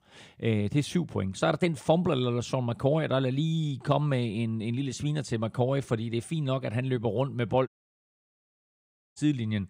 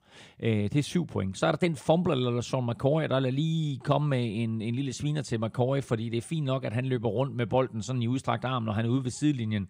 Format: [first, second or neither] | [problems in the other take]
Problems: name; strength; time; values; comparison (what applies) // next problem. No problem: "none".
second | audio cutting out; at 7.5 s for 1.5 s